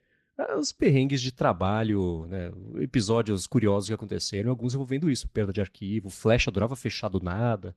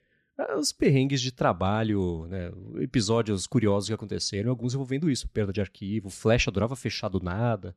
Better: second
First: garbled, watery; slightly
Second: none

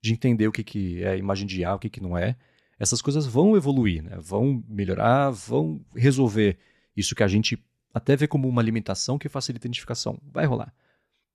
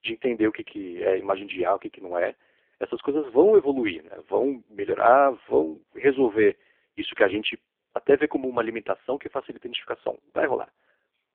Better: first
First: none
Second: phone-call audio; poor line; nothing above 3.5 kHz

